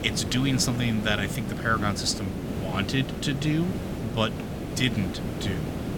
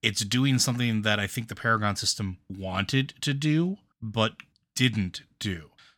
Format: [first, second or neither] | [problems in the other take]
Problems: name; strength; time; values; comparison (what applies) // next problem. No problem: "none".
second | hiss; loud; throughout; 5 dB below the speech